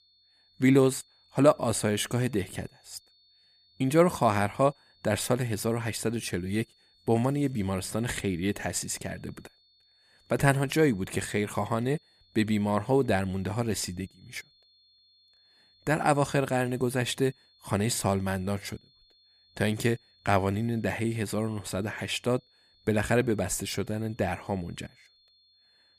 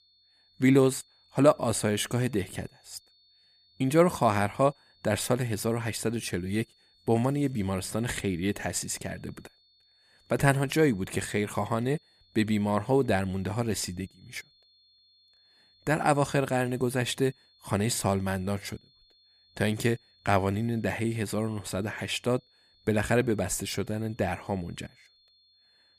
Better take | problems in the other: neither | high-pitched whine; faint; throughout; 4.5 kHz, 35 dB below the speech; the same in both

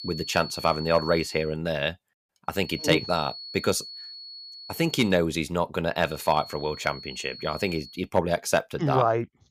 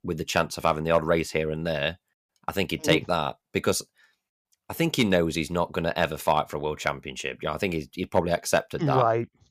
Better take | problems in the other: second | high-pitched whine; noticeable; until 1.5 s, from 2.5 to 5 s and from 6 to 8 s; 4.5 kHz, 10 dB below the speech

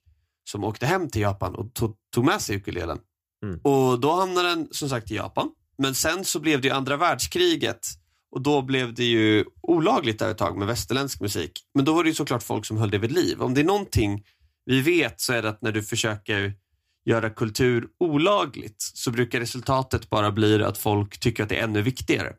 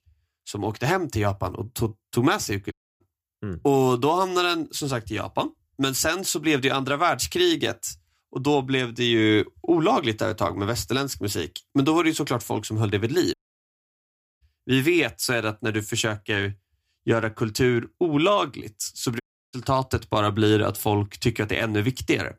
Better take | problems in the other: first | audio cutting out; at 2.5 s, at 13 s for 1 s and at 19 s

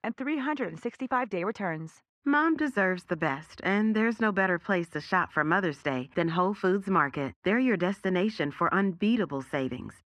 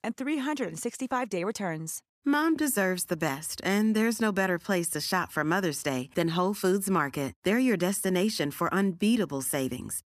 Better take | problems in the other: second | muffled; very; fading above 2.5 kHz

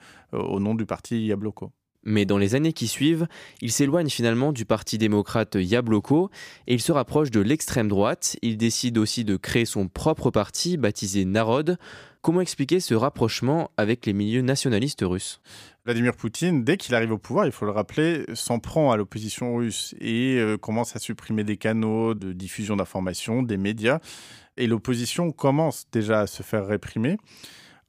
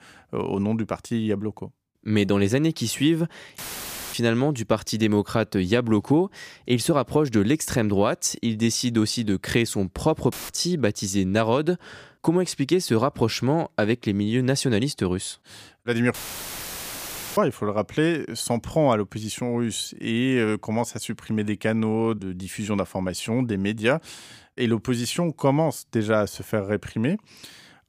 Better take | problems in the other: first | audio cutting out; filled with static; at 3.5 s for 0.5 s, at 10 s and at 16 s for 1 s

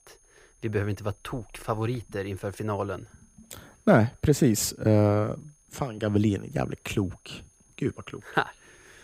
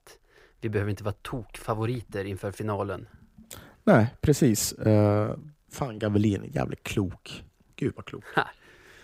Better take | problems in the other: second | high-pitched whine; faint; throughout; 6.5 kHz, 35 dB below the speech

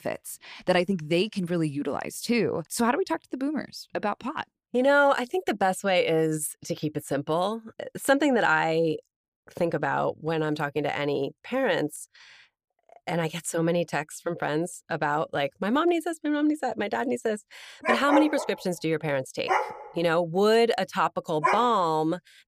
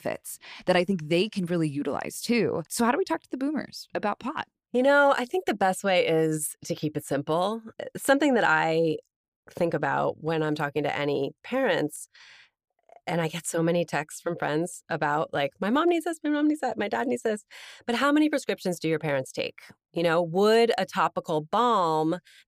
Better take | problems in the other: second | dog barking; loud; from 18 to 22 s; peak 2 dB above the speech

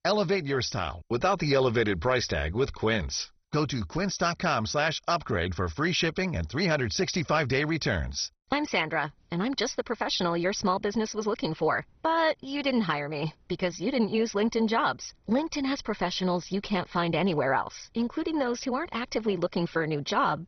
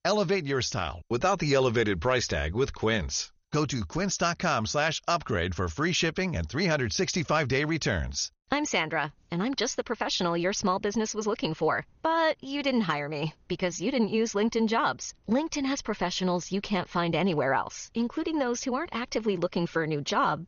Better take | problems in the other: second | garbled, watery; badly; nothing above 6 kHz; slightly in the second

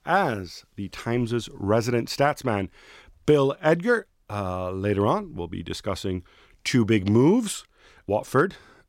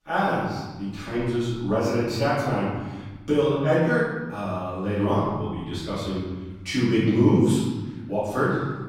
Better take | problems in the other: first | room echo; strong; dies away in 1.4 s // off-mic speech; far

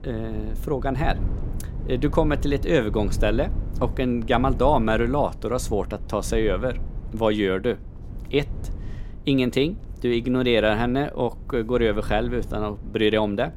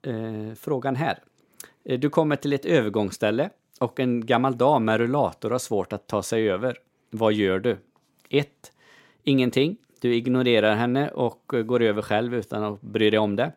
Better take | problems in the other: second | low rumble; faint; throughout; 20 dB below the speech

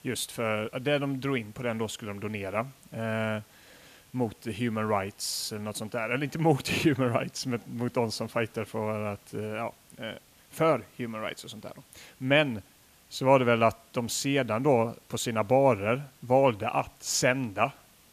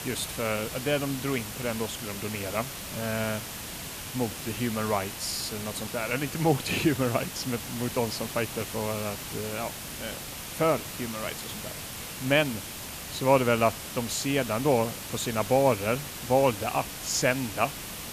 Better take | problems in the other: first | hiss; loud; throughout; 7 dB below the speech; faint in the first

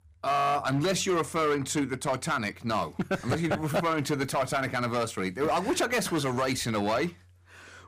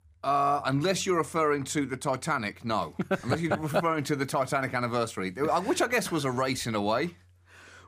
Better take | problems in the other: second | distortion; slight; 9% of the sound clipped

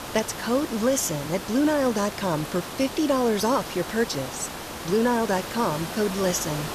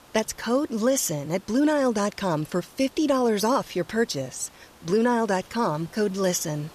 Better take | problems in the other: second | hiss; loud; throughout; 9 dB below the speech; faint in the second

